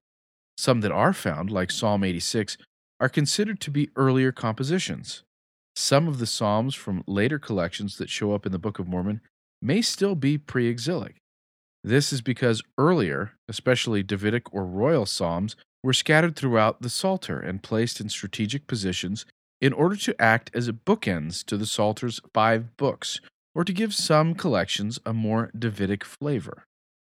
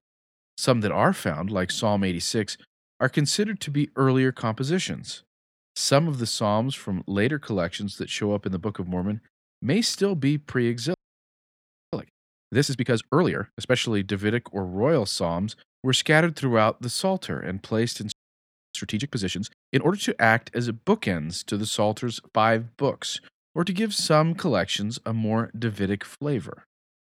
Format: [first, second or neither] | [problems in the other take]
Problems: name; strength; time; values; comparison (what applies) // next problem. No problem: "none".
first | audio freezing; at 11 s for 1 s and at 18 s for 0.5 s